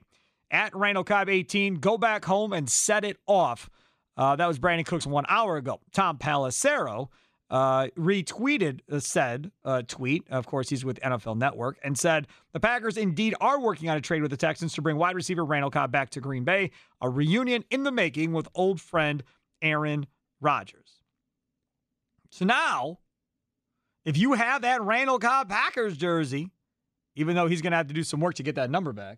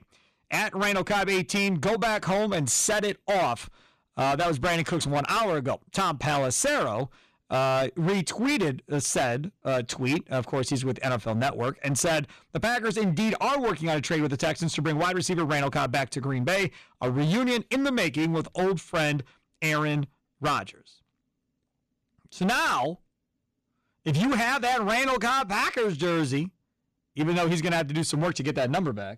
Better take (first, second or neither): first